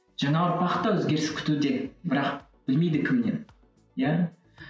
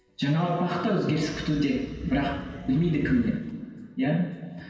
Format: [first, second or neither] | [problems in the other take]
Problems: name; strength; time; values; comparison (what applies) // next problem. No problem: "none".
first | background sound (Animal); 14 dB below the speech // room echo; dies away in 2.1 s